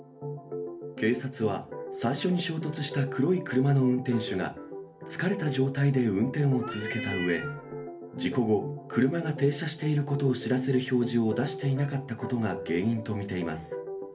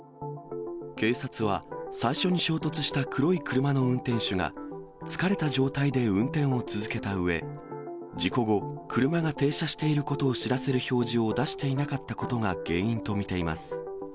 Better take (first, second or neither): second